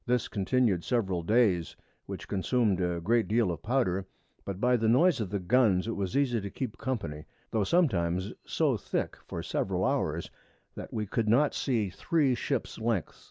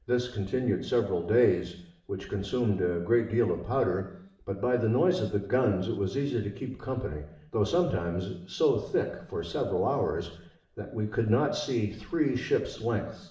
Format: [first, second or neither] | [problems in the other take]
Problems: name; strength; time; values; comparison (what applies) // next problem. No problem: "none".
first | room echo; dies away in 0.7 s